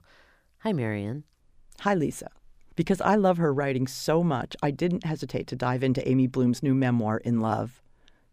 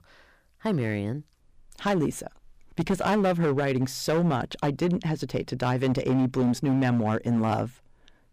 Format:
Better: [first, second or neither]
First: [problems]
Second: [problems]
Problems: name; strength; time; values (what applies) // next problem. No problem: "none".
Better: first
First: none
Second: distortion; slight; 8% of the sound clipped